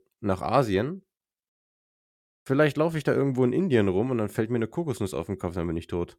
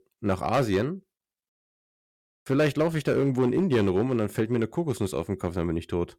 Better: first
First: none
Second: distortion; slight; 4% of the sound clipped

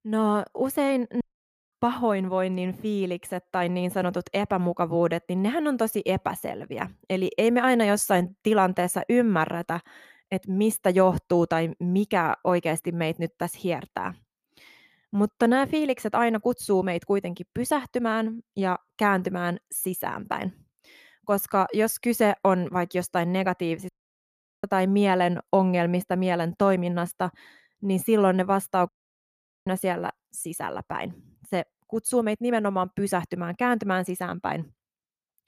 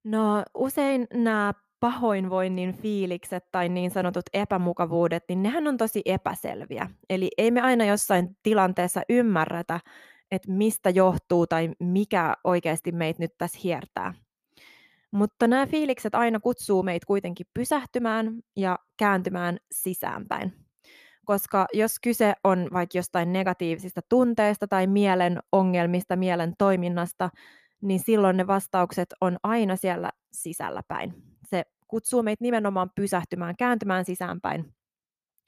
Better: second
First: audio cutting out; at 1 s for 0.5 s, at 24 s for 0.5 s and at 29 s for 1 s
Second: none

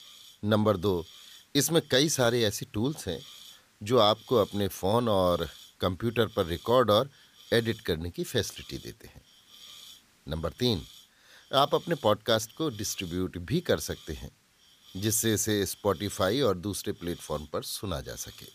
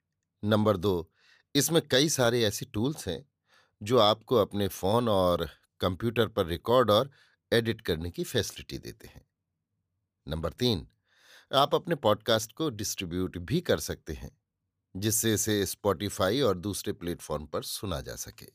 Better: second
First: hiss; faint; throughout; 20 dB below the speech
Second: none

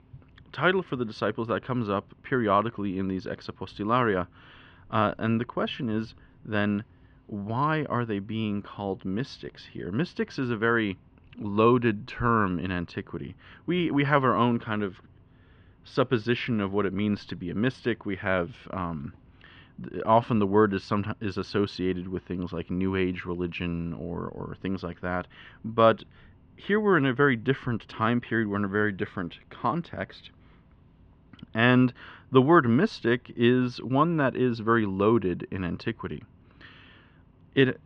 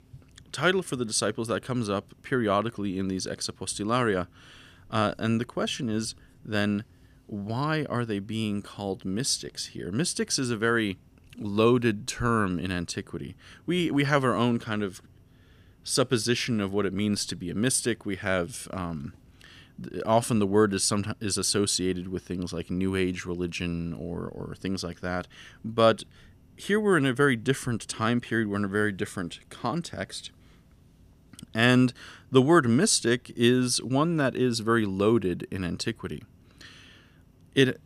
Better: second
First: muffled; very; fading above 3 kHz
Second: none

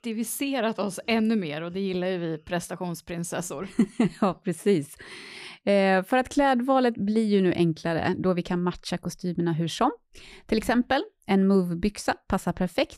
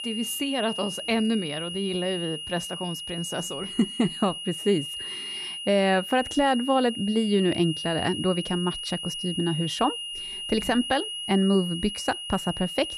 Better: first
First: none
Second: high-pitched whine; loud; throughout; 3 kHz, 6 dB below the speech

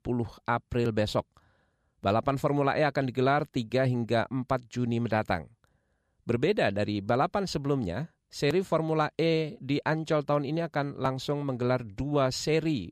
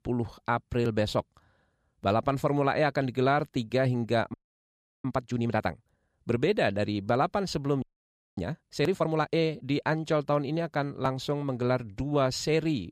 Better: first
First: none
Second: audio freezing; at 4.5 s for 0.5 s and at 8 s for 0.5 s

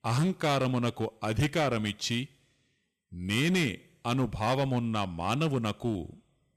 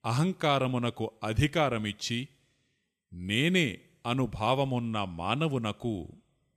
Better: second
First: distortion; slight; 7% of the sound clipped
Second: none

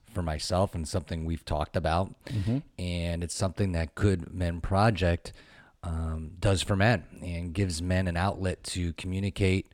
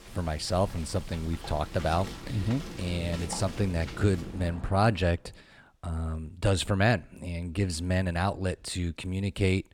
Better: first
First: none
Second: rain or running water; noticeable; until 5 s; 10 dB below the speech

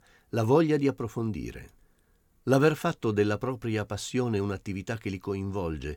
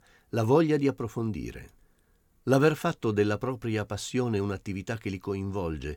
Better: neither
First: none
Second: none

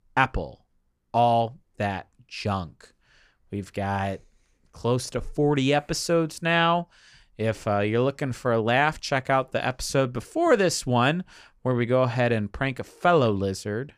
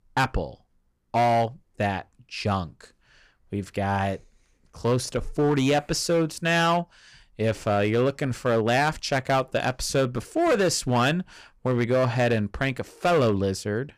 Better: first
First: none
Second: distortion; slight; 6% of the sound clipped

